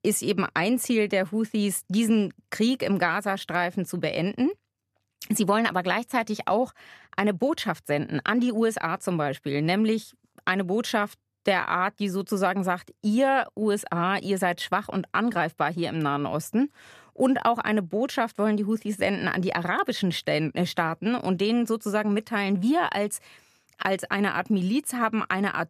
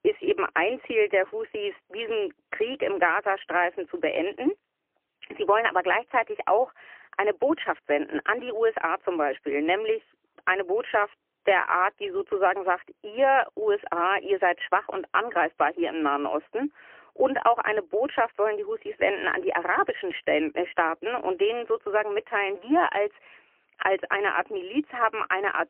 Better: first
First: none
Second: phone-call audio; poor line; nothing above 3 kHz

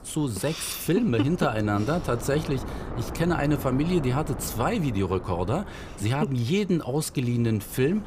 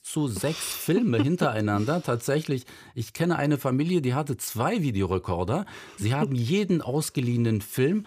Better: second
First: wind noise on the microphone; occasional gusts; 10 dB below the speech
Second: none

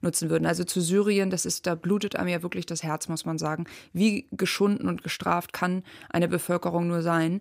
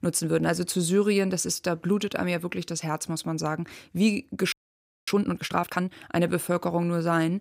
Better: first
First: none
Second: audio freezing; at 4.5 s for 0.5 s

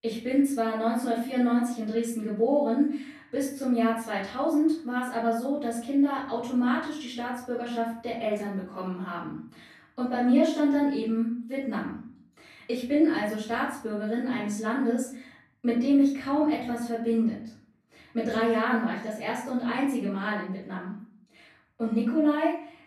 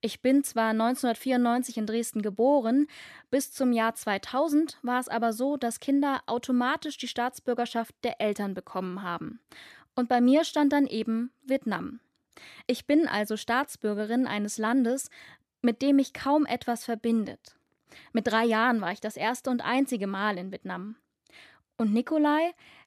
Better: second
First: off-mic speech; far // room echo; noticeable; dies away in 0.6 s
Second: none

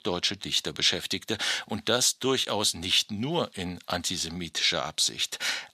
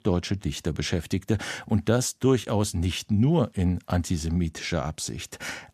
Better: second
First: thin; somewhat; fading below 950 Hz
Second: none

